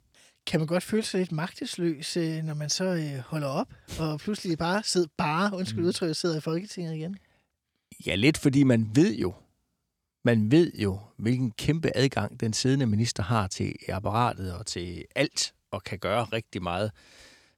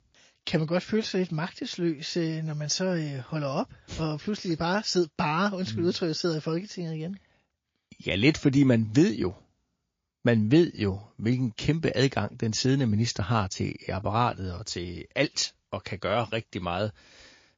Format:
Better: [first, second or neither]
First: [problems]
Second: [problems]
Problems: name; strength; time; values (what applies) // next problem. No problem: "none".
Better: first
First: none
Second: garbled, watery; slightly; nothing above 6.5 kHz